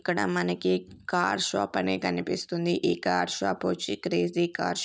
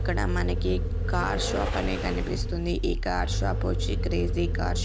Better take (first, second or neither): first